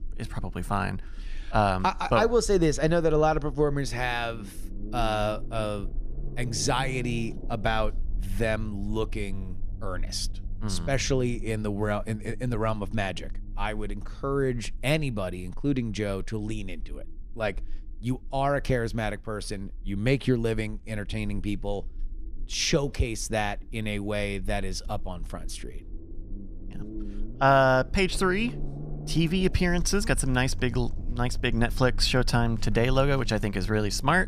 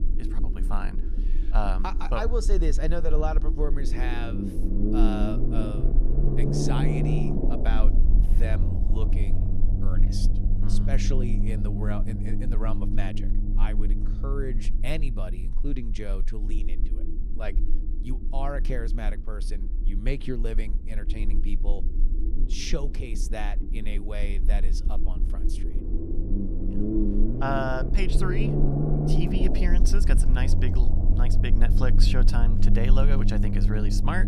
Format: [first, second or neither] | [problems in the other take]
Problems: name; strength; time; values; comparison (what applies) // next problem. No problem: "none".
first | low rumble; loud; throughout; 3 dB below the speech; faint in the first